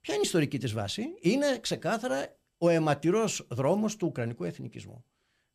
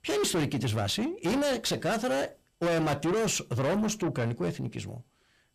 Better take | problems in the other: first | distortion; heavy; 6 dB below the speech

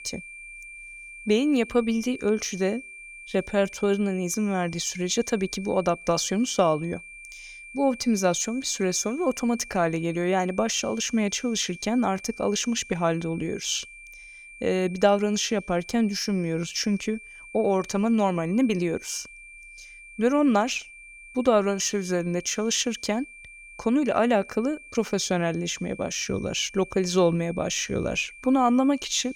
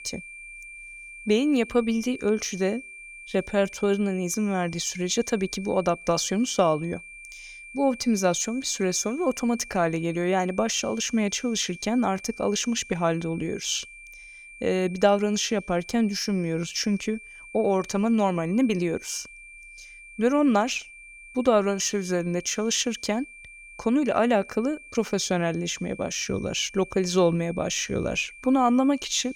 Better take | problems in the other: neither | high-pitched whine; noticeable; throughout; 2.5 kHz, 15 dB below the speech; the same in both

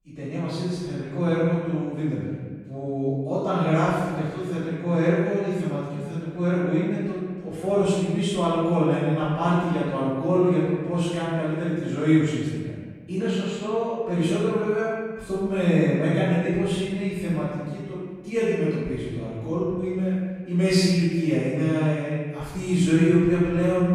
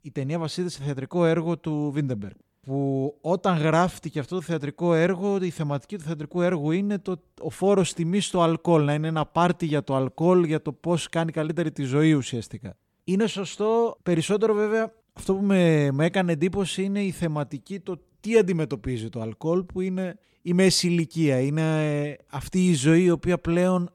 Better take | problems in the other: second | off-mic speech; far // room echo; strong; dies away in 1.5 s

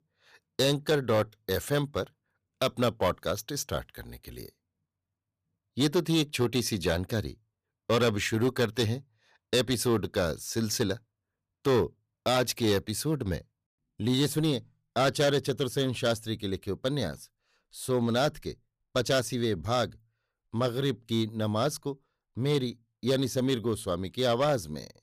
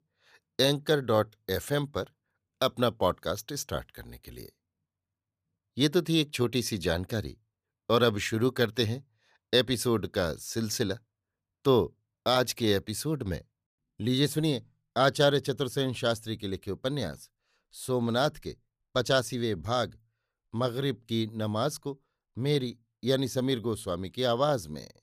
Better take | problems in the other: second | distortion; slight; 4% of the sound clipped

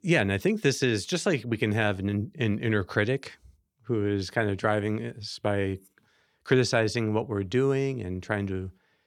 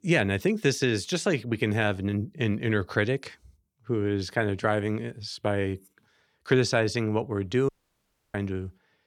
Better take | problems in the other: first | audio cutting out; at 7.5 s for 0.5 s

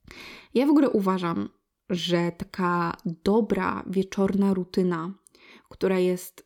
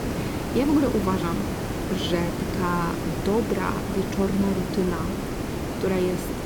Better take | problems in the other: first | hiss; loud; throughout; 2 dB below the speech

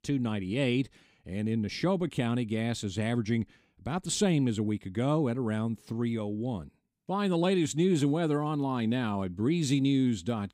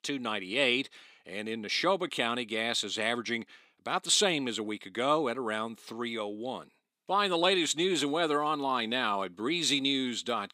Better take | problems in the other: first | thin; somewhat; fading below 450 Hz

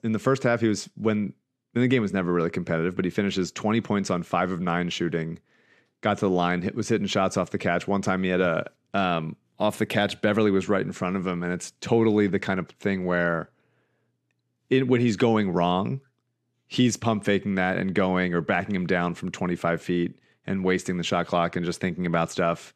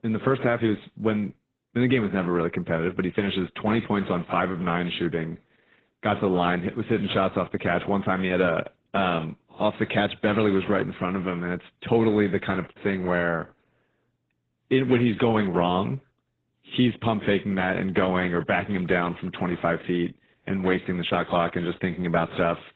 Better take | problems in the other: first | garbled, watery; badly; nothing above 4 kHz

